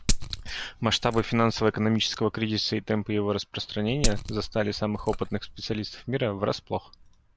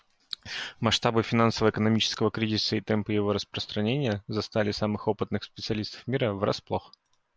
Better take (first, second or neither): second